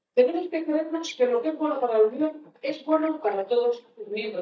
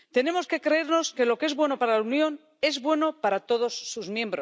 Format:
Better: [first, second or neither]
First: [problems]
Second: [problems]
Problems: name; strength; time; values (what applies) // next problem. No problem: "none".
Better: second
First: noise reduction (neural mask model DeepFilterNet 3)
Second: none